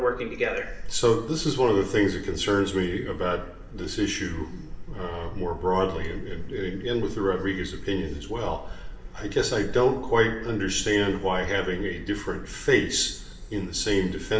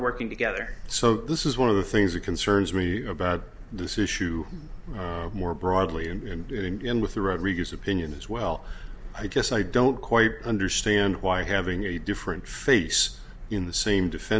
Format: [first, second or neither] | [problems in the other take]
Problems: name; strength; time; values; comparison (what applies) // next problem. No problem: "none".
second | room echo; dies away in 0.7 s